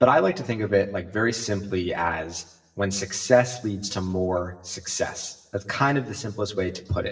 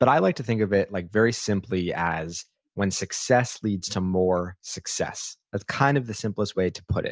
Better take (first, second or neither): second